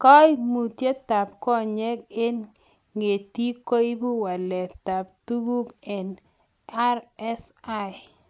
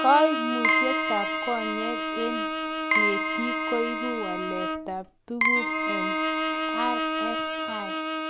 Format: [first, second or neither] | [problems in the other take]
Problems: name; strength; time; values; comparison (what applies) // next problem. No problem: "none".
first | background sound (Bowed string instrument + Keyboard (musical)); 3 dB above the speech